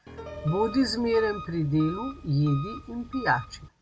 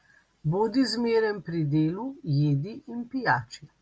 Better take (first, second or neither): second